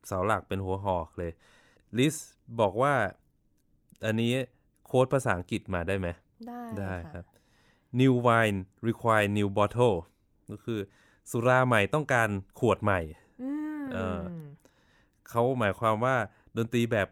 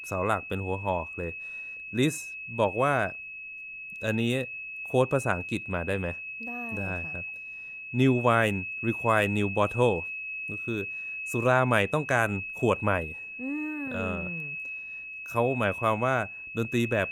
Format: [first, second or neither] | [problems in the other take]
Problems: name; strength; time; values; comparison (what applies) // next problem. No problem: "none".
first | high-pitched whine; loud; throughout; 2.5 kHz, 7 dB below the speech